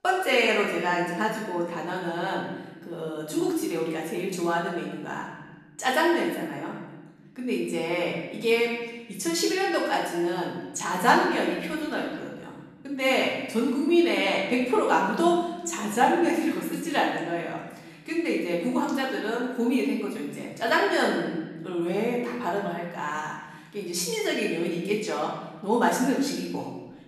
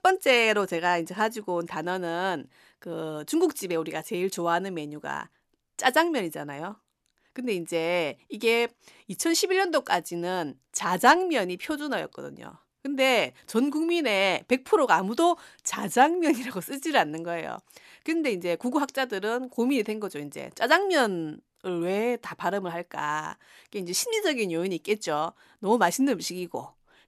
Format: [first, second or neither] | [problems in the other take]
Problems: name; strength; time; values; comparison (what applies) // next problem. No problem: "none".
second | off-mic speech; far // room echo; noticeable; dies away in 1.2 s